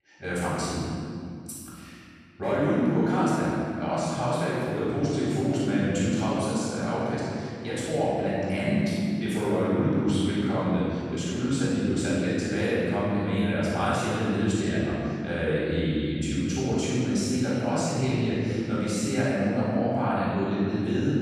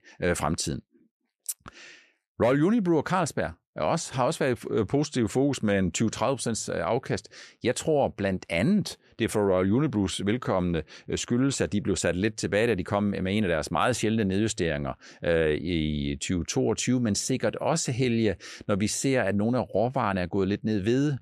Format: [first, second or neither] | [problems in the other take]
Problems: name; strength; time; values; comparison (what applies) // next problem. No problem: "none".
second | room echo; strong; dies away in 2.4 s // off-mic speech; far